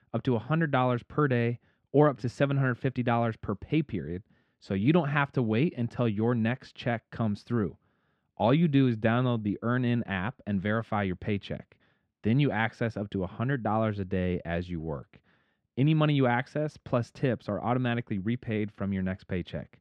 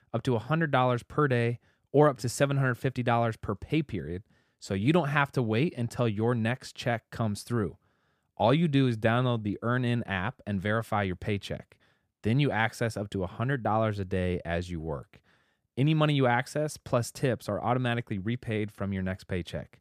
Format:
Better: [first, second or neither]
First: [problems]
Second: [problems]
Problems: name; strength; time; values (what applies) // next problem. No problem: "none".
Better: second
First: muffled; slightly; fading above 3 kHz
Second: none